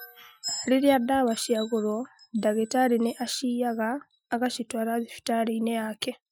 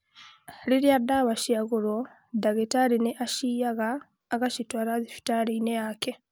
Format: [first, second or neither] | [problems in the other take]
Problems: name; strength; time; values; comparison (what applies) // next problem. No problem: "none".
second | noise reduction (classical method Wiener filter)